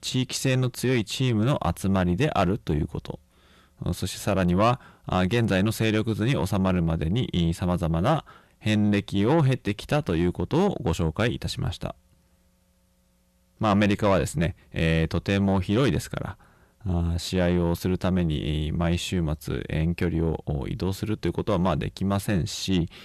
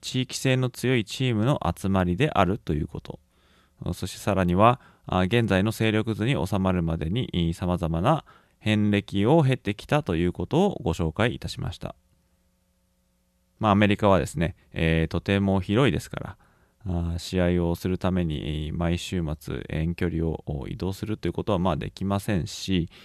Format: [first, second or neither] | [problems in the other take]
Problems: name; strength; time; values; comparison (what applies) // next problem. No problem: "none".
second | distortion; slight; 10 dB below the speech